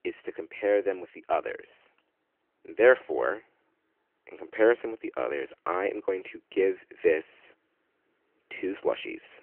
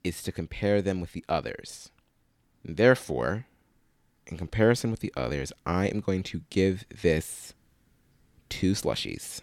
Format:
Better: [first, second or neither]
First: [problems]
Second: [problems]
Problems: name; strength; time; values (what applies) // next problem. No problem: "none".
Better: second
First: phone-call audio; nothing above 3 kHz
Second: none